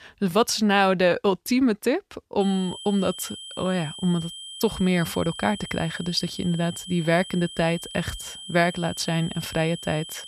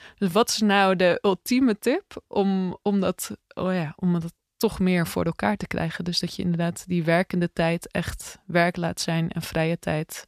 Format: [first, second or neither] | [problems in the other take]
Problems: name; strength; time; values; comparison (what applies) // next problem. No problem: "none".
second | high-pitched whine; noticeable; from 2.5 s on; 3 kHz, 10 dB below the speech